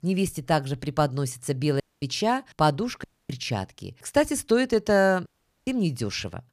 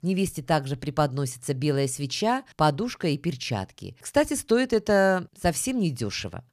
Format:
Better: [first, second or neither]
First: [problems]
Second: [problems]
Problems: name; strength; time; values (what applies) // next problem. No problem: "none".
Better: second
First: audio cutting out; at 2 s, at 3 s and at 5.5 s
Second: none